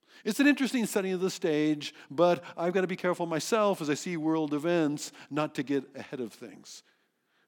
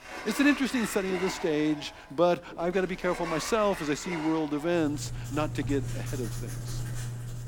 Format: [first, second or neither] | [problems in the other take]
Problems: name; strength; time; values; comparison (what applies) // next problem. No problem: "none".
first | household noises; loud; throughout; 9 dB below the speech